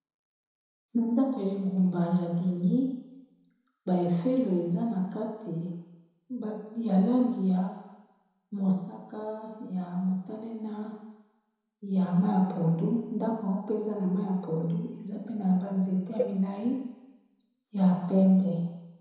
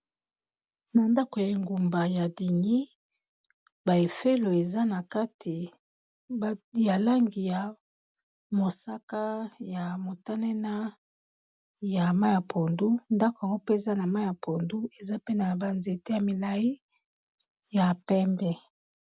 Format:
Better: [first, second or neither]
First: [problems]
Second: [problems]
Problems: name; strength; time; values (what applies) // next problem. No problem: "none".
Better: second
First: background sound (Cowbell); 10 dB below the speech // room echo; dies away in 1 s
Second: none